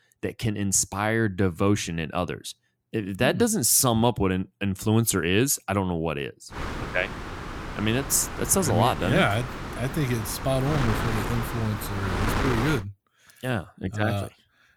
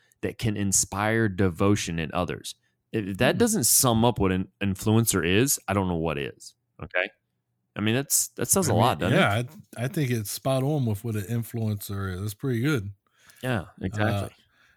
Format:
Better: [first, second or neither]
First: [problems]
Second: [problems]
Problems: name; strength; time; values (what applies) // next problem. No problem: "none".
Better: second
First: wind noise on the microphone; heavy; from 6.5 to 13 s; 5 dB below the speech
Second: none